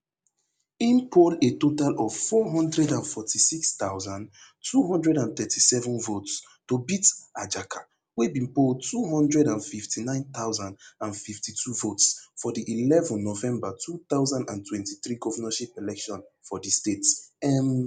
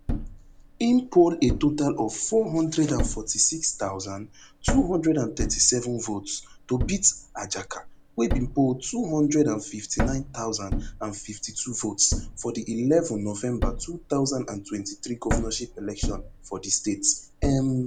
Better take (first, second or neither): first